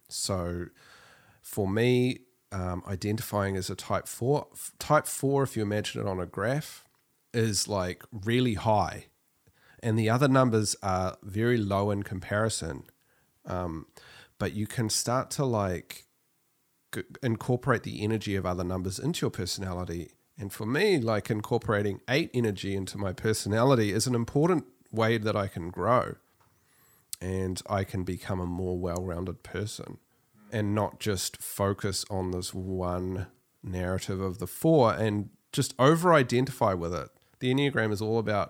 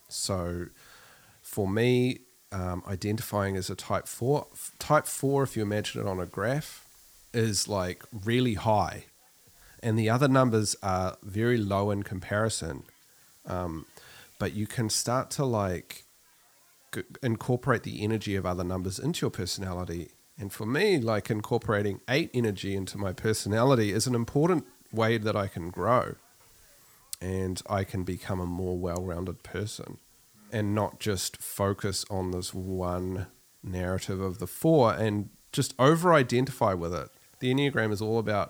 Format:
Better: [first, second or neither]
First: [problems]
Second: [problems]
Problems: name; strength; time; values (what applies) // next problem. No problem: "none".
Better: first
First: none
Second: hiss; faint; throughout; 30 dB below the speech